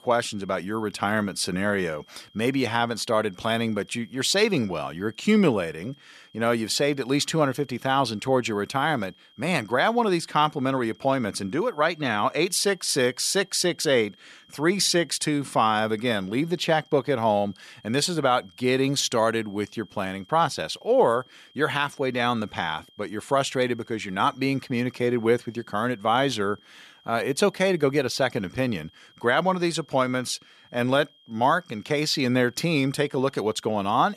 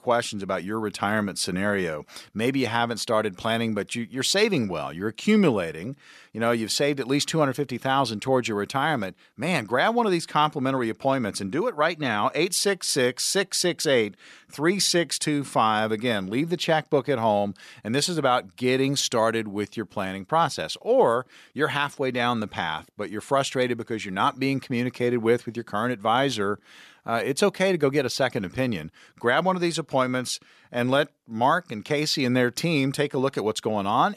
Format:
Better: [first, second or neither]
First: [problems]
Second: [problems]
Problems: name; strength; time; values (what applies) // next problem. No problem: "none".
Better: second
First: high-pitched whine; faint; throughout; 3 kHz, 30 dB below the speech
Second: none